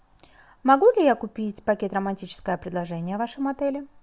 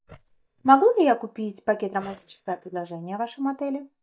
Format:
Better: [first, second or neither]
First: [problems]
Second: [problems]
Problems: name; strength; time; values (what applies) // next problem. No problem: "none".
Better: first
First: none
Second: noise reduction (neural mask model DeepFilterNet 3)